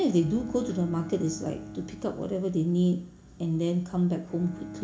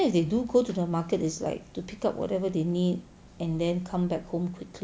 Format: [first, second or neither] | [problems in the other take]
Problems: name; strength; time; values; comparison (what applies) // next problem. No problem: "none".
second | background sound (Bowed string instrument); 16 dB below the speech // room echo; dies away in 0.4 s